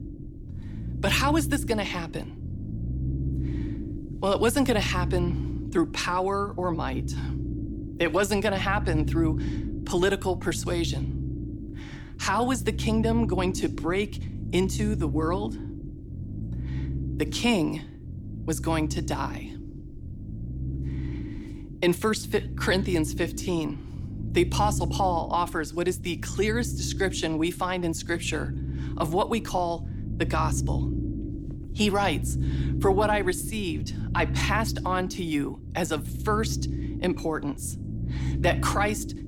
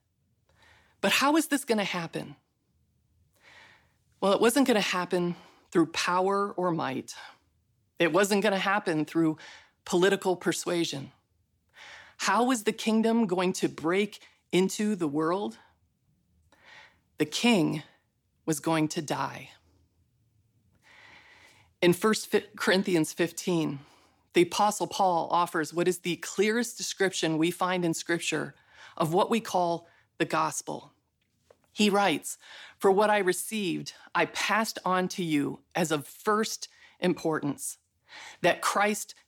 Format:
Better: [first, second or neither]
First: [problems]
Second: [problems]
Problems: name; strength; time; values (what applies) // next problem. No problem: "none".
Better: second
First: low rumble; noticeable; throughout; 15 dB below the speech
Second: none